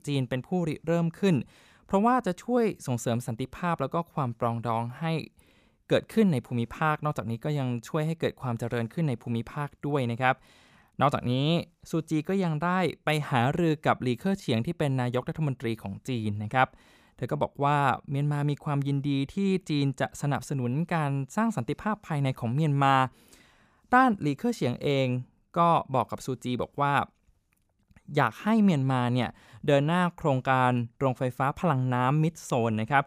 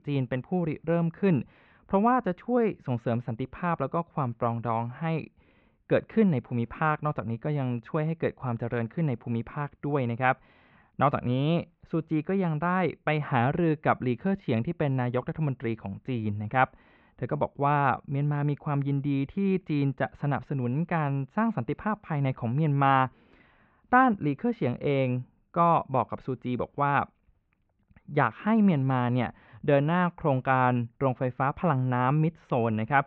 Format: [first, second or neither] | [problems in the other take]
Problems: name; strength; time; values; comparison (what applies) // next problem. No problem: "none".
first | muffled; very; fading above 2.5 kHz